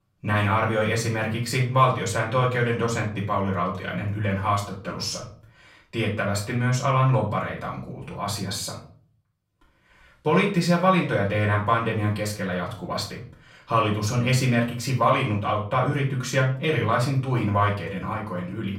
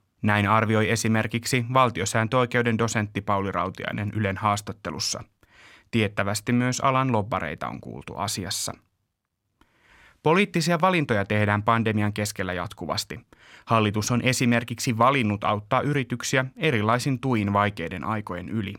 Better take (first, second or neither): second